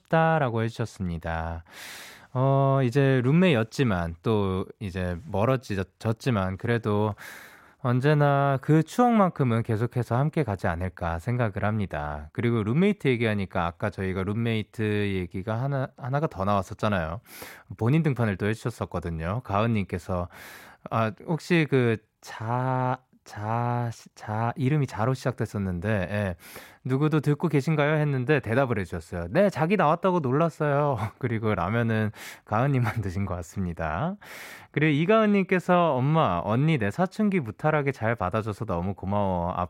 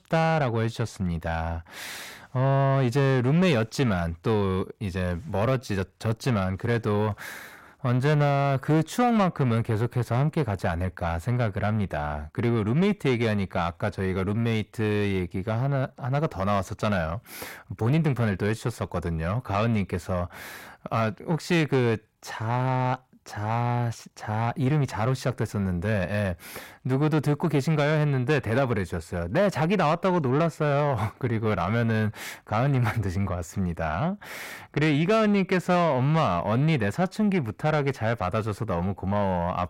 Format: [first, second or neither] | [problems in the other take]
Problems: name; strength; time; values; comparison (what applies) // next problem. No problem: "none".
first | distortion; slight; 10 dB below the speech